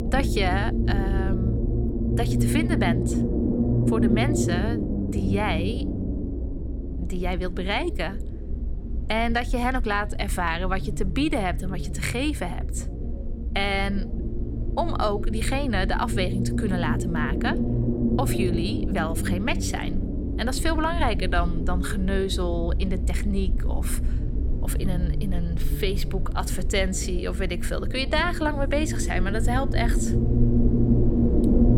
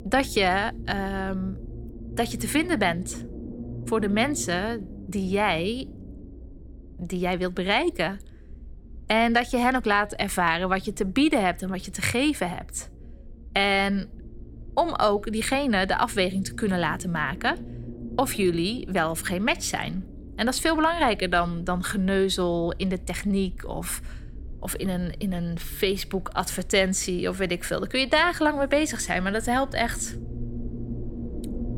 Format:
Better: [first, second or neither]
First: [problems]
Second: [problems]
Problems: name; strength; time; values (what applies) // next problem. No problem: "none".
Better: second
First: low rumble; loud; throughout; 6 dB below the speech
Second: low rumble; faint; throughout; 25 dB below the speech